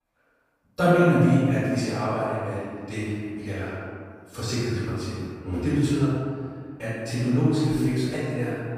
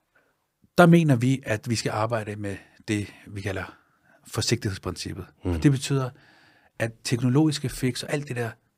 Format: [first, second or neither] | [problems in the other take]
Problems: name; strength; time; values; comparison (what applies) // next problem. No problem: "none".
second | off-mic speech; far // room echo; strong; dies away in 1.8 s